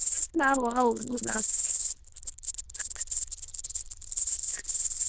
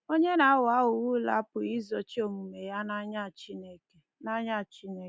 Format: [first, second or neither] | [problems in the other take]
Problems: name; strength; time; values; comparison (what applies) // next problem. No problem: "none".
second | noise reduction (neural diffusion model UNIVERSE++)